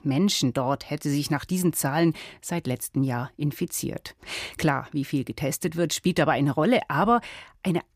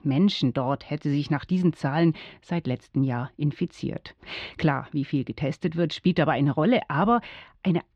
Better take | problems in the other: first | muffled; slightly; fading above 4 kHz

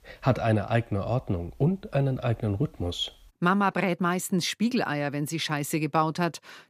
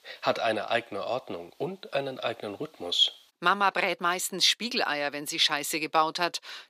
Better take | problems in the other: first | thin; very; fading below 450 Hz

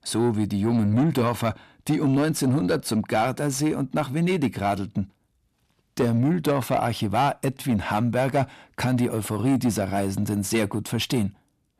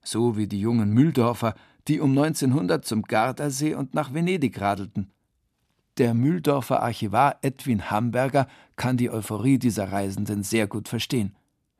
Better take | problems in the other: second | distortion; slight; 10 dB below the speech

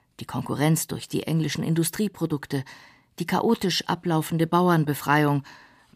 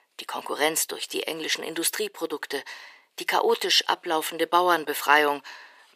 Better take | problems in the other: first | thin; very; fading below 450 Hz

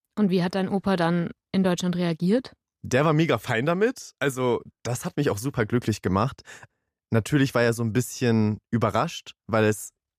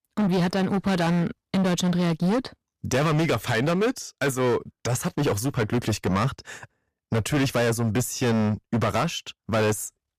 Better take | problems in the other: first | distortion; heavy; 19% of the sound clipped

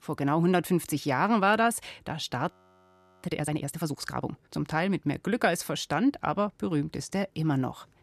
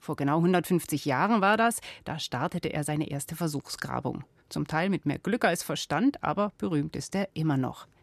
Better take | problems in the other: second | audio freezing; at 2.5 s for 0.5 s

